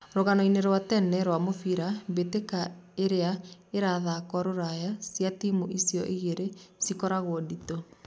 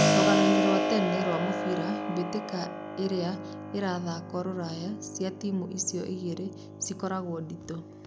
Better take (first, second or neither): first